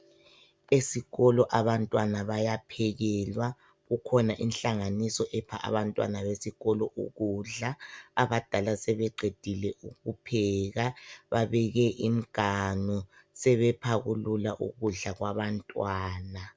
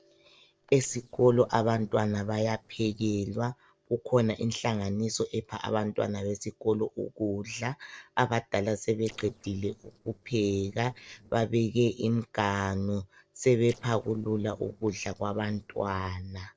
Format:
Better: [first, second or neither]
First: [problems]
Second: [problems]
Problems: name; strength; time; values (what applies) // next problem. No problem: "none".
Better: first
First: none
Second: noise reduction (neural separator model SepFormer DNS4)